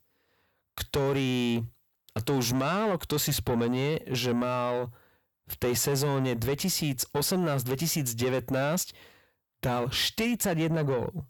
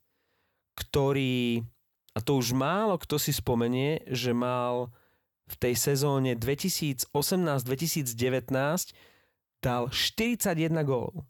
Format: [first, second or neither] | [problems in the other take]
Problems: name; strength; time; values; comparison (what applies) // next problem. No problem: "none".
second | distortion; slight; 10 dB below the speech